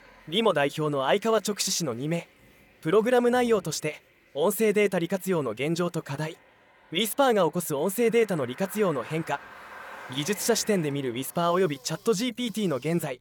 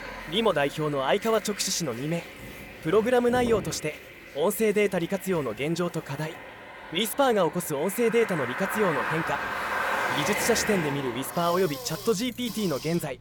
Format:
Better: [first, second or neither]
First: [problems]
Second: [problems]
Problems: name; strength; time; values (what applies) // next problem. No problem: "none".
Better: first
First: traffic noise; faint; throughout; 20 dB below the speech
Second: traffic noise; loud; throughout; 7 dB below the speech